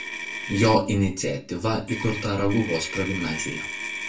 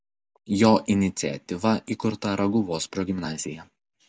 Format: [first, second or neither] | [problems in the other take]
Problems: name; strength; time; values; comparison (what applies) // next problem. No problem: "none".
second | background sound (Motor vehicle (road)); 9 dB below the speech // room echo; dies away in 0.3 s